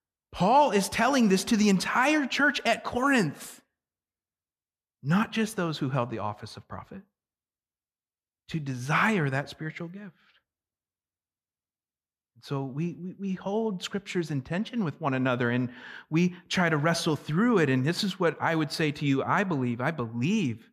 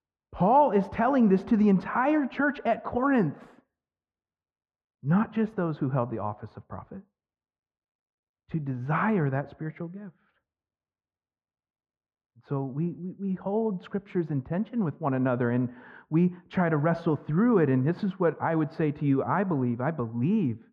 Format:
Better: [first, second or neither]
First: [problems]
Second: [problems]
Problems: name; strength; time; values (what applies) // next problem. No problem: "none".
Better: first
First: none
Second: muffled; very; fading above 3.5 kHz